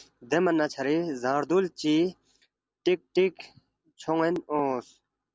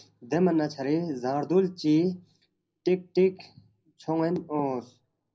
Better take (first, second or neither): first